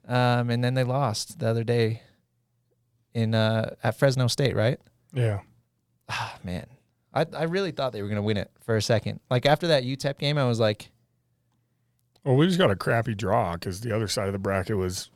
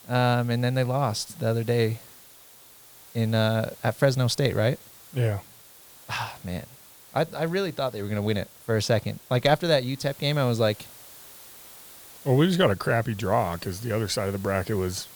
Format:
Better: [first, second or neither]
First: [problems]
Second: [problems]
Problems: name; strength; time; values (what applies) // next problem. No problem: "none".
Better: first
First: none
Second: hiss; noticeable; throughout; 20 dB below the speech